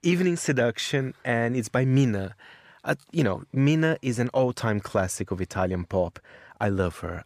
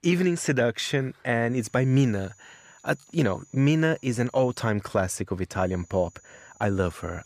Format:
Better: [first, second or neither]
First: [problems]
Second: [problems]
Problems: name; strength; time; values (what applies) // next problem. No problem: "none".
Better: first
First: none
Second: high-pitched whine; faint; from 1.5 to 4.5 s and from 5.5 s on; 7 kHz, 30 dB below the speech